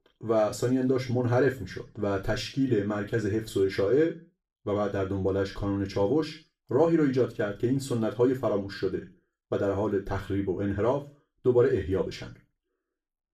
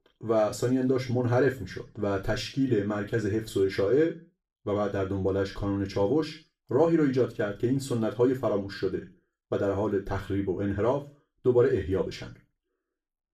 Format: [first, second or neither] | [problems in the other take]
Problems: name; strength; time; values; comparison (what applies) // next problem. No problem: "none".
neither | room echo; slight; dies away in 0.3 s; the same in both // off-mic speech; far; the same in both